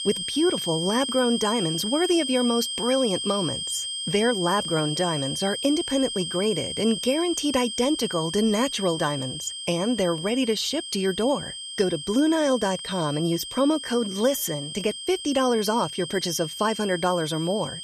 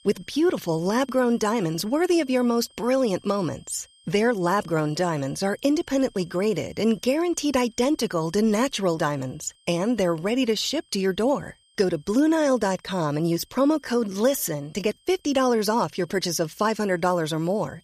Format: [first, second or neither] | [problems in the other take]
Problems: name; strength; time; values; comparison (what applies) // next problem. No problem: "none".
second | high-pitched whine; loud; throughout; 3 kHz, 5 dB below the speech; faint in the second